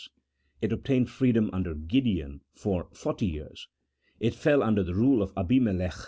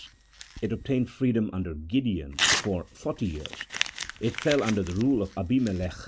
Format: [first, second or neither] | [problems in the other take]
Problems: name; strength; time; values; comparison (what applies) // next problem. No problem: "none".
first | background sound (Crumpling, crinkling / Tearing); 7 dB below the speech